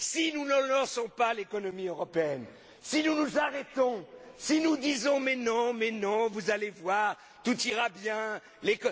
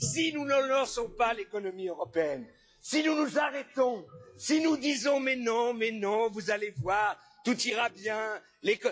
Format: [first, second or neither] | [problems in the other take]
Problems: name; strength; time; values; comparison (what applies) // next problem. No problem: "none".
first | noise reduction (classical method log-MMSE)